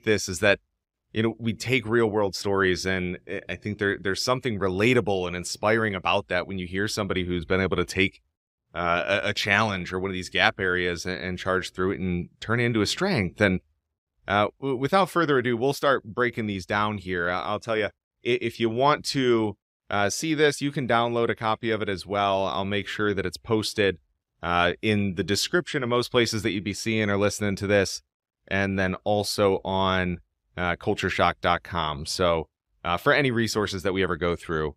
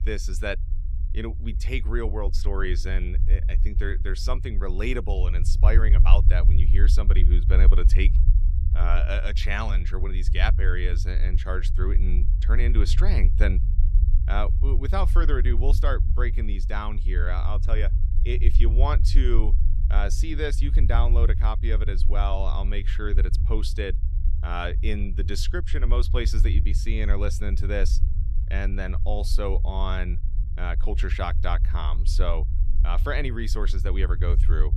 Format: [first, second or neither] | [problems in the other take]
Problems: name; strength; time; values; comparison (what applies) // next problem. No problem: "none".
first | low rumble; noticeable; throughout; 10 dB below the speech